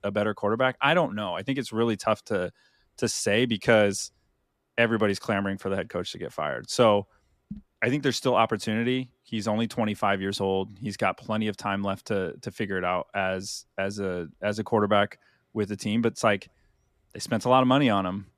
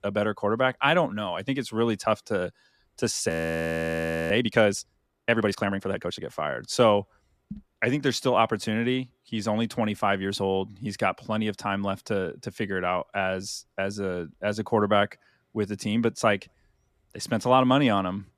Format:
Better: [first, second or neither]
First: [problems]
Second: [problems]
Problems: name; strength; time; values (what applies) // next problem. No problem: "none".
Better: first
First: none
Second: audio freezing; at 3.5 s for 1 s